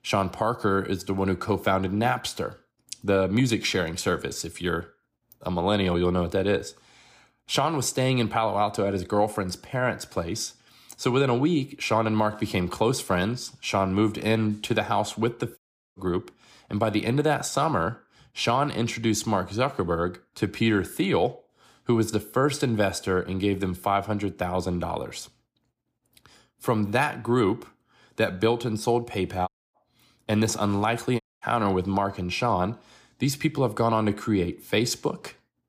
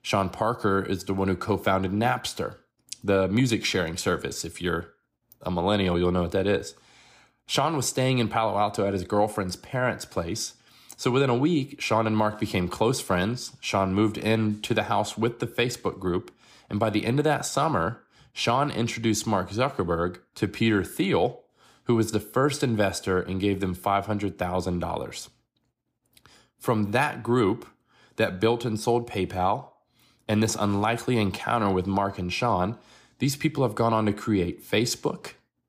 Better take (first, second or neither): second